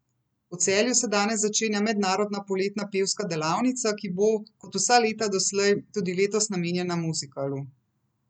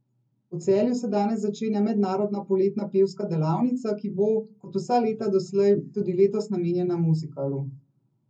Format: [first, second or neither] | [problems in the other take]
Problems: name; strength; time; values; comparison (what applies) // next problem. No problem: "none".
first | room echo; dies away in 0.4 s